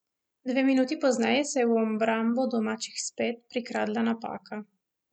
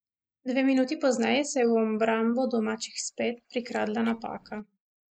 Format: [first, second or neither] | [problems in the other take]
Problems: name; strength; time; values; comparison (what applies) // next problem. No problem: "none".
first | noise reduction (neural mask model Resemble Enhance denoiser)